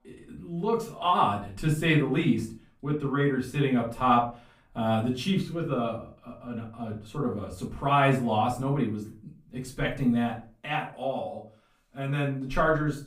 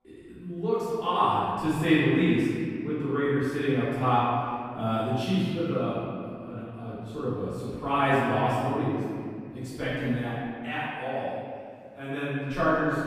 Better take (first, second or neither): first